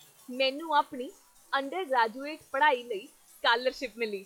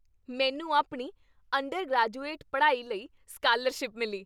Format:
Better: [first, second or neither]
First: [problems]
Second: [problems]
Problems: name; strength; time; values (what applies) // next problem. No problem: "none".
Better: second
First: noise reduction (classical method log-MMSE)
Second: none